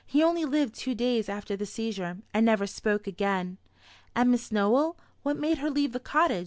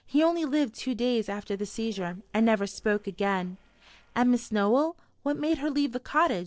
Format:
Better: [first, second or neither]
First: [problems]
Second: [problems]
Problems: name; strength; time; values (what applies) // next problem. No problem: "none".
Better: first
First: none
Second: noise reduction (neural separator model SepFormer DNS4)